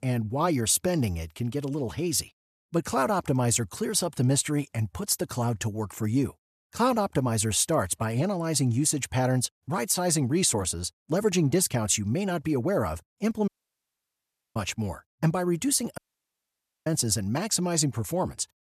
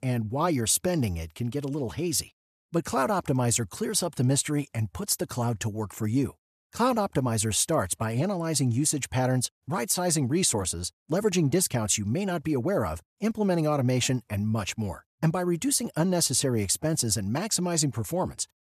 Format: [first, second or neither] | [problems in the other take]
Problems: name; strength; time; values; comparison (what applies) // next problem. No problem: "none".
second | audio cutting out; at 13 s for 1 s and at 16 s for 1 s